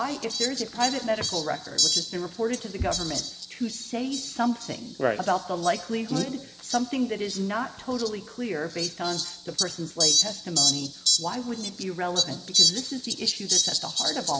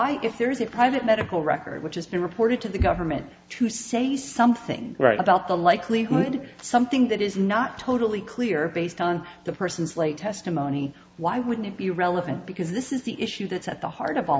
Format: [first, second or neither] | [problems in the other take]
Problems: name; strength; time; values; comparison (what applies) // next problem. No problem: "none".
second | background sound (Fowl); 1 dB above the speech